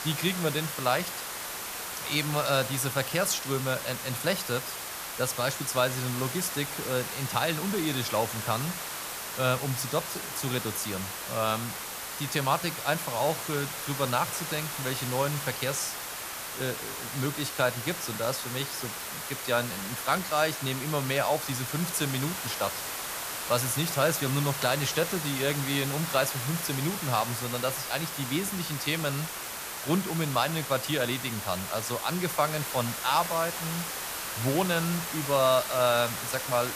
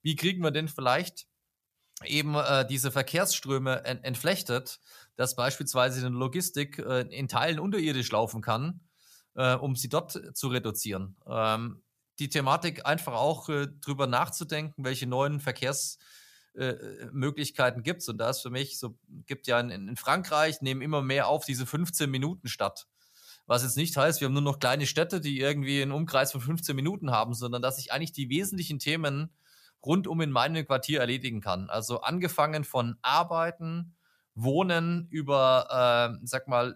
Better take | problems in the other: second | hiss; loud; throughout; 4 dB below the speech

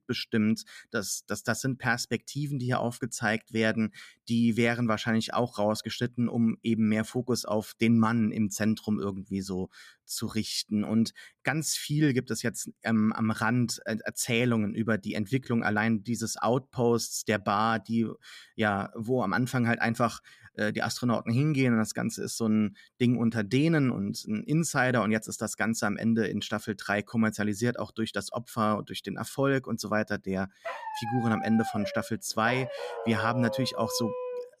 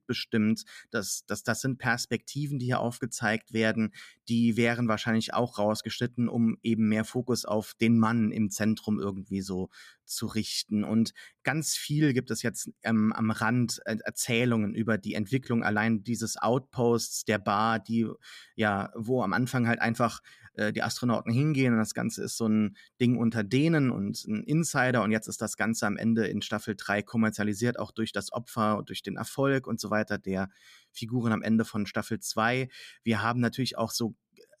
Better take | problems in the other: second | dog barking; noticeable; from 31 s on; peak 6 dB below the speech

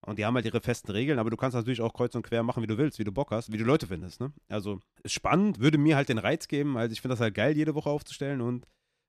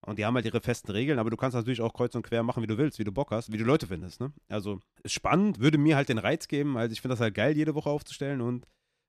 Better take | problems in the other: neither | none

